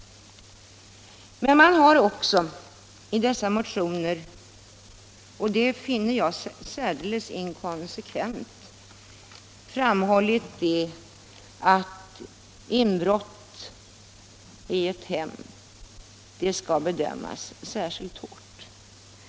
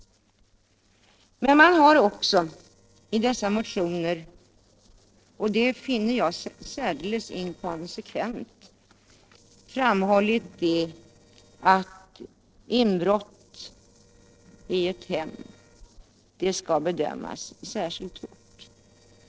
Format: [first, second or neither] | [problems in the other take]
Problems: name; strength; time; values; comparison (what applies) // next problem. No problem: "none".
first | noise reduction (neural separator model SepFormer DNS4)